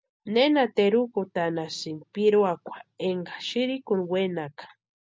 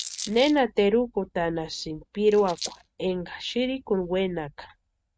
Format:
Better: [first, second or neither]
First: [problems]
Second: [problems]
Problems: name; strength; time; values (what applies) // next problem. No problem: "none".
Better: first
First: none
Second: noise reduction (neural mask model RNNoise)